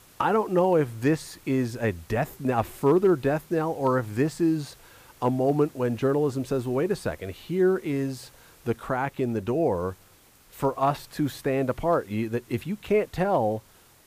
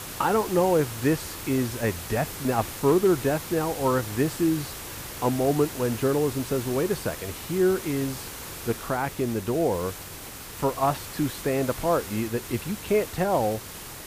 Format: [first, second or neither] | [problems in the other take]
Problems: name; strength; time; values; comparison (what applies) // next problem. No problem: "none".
first | hiss; loud; throughout; 10 dB below the speech; faint in the first